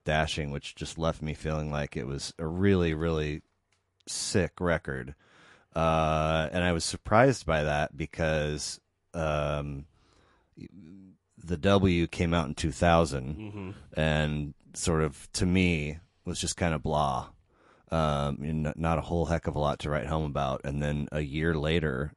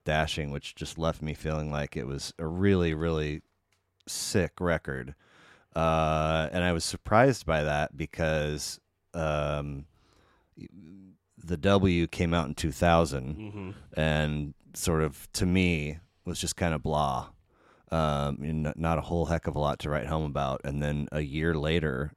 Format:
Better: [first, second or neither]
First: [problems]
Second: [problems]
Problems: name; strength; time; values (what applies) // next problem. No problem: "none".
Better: second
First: garbled, watery; slightly; nothing above 11 kHz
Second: none